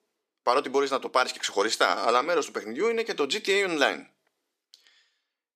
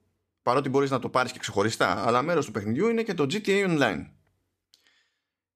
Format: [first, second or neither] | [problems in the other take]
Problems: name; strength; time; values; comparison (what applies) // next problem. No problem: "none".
second | thin; somewhat; fading below 350 Hz